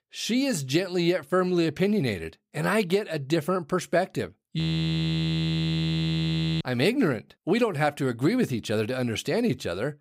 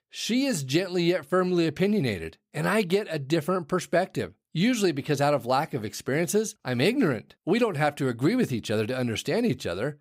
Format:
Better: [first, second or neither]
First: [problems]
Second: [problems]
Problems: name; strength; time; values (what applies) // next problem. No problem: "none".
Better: second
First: audio freezing; at 4.5 s for 2 s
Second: none